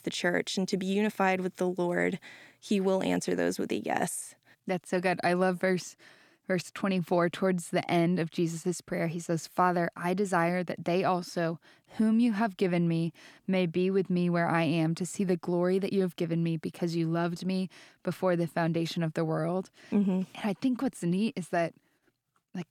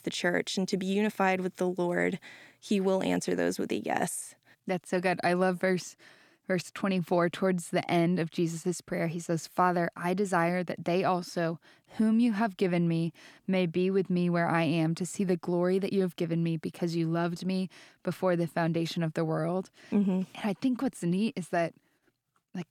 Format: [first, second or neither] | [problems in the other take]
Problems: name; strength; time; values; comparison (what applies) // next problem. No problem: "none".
neither | none